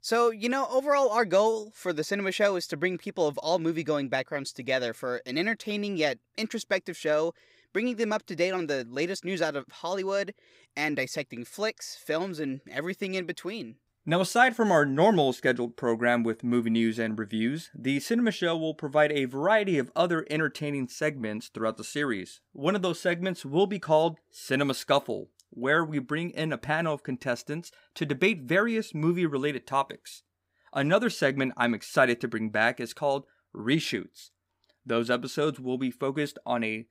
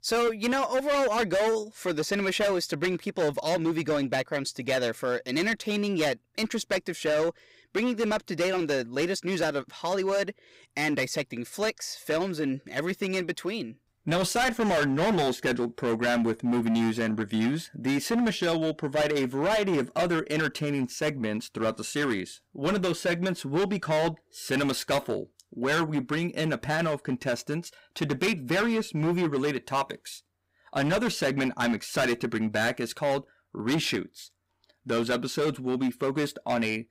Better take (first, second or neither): first